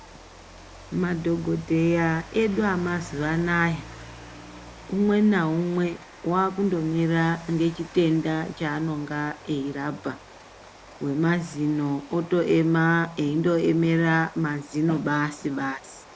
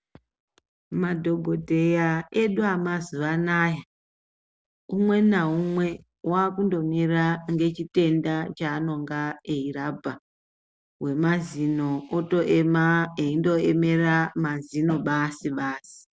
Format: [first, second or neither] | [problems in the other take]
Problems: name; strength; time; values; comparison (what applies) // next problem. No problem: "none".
second | background sound (Rain); 19 dB below the speech